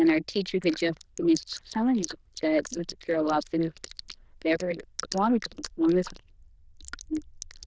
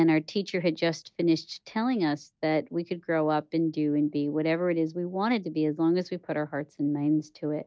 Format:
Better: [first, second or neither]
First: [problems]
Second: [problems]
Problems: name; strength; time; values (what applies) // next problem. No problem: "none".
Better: second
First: noise reduction (neural diffusion model UNIVERSE++)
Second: none